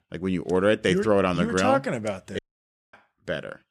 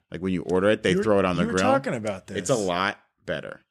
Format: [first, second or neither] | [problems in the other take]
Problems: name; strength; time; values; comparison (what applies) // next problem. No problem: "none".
second | audio cutting out; at 2.5 s for 0.5 s